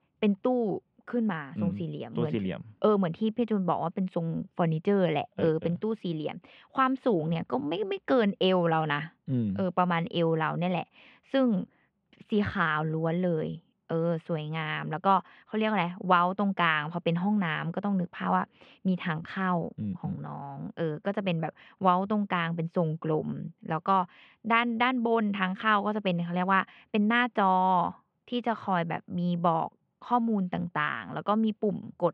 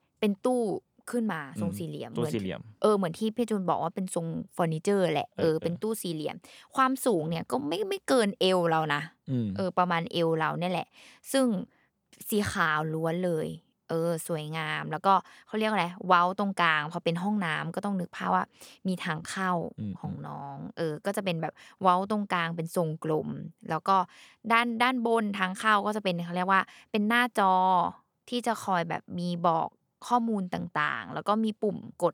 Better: second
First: muffled; slightly; fading above 3 kHz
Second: none

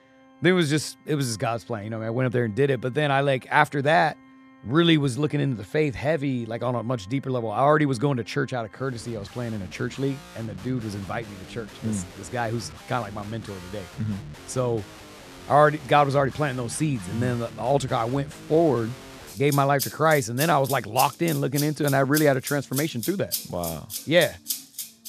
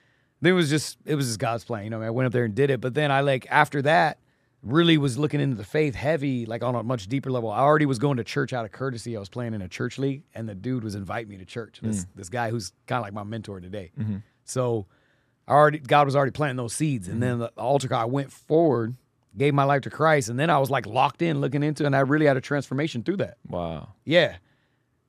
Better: second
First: background music; noticeable; throughout; 10 dB below the speech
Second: none

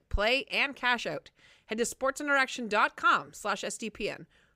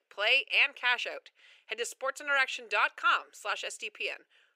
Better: first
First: none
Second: thin; very; fading below 400 Hz

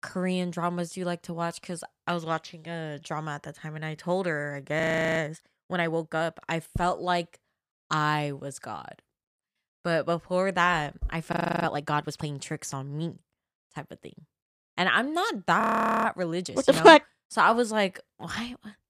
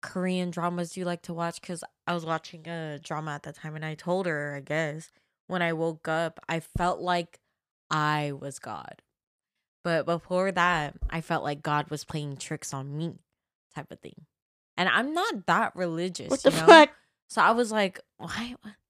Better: second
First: audio freezing; at 5 s, at 11 s and at 16 s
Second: none

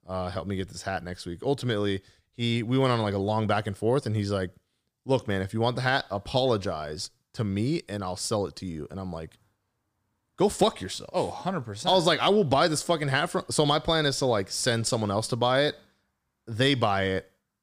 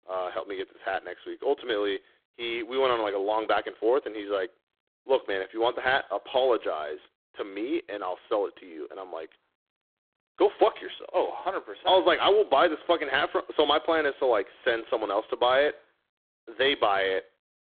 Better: first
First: none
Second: phone-call audio; poor line

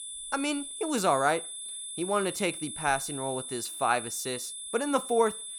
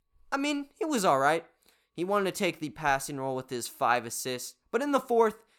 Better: second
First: high-pitched whine; loud; throughout; 10 kHz, 7 dB below the speech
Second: none

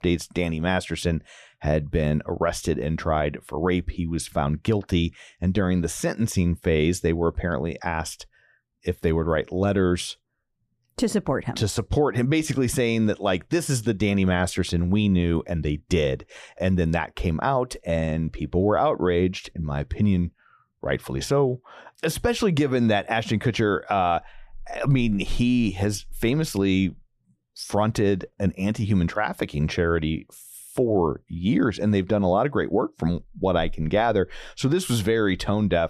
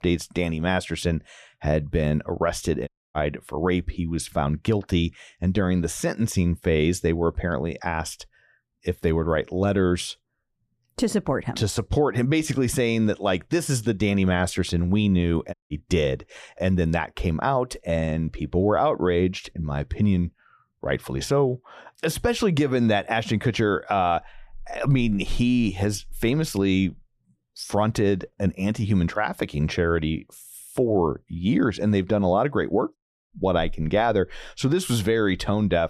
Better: first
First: none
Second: audio cutting out; at 3 s, at 16 s and at 33 s

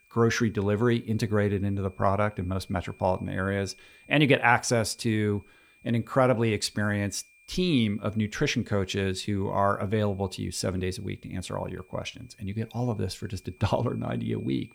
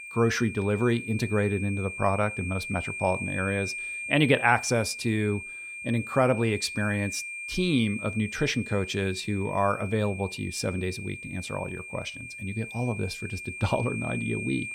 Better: first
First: high-pitched whine; faint; throughout; 2.5 kHz, 30 dB below the speech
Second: high-pitched whine; loud; throughout; 2.5 kHz, 8 dB below the speech

